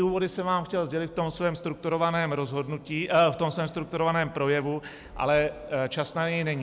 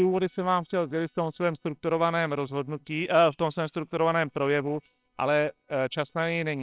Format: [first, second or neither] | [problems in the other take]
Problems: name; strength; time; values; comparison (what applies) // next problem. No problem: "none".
first | noise reduction (neural separator model SepFormer WHAMR!)